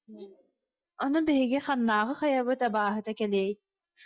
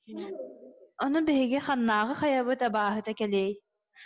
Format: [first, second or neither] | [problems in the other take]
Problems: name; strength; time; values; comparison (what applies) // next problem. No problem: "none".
second | noise reduction (neural mask model DeepFilterNet 3)